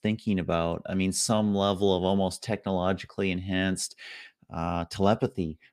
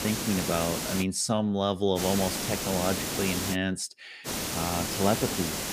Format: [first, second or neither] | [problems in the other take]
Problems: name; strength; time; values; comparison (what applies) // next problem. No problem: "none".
first | hiss; loud; until 1 s, from 2 to 3.5 s and from 4.5 s on; 2 dB below the speech